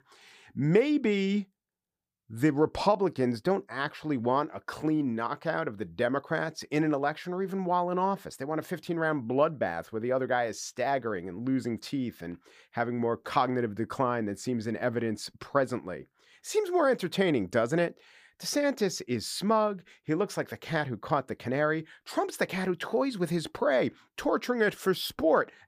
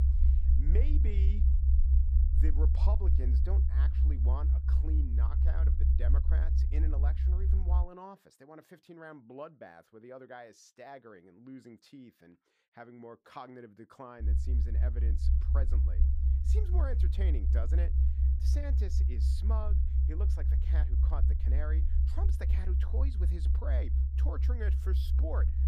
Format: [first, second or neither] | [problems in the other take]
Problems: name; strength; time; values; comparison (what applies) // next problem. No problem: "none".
first | low rumble; loud; until 8 s and from 14 s on; 1 dB below the speech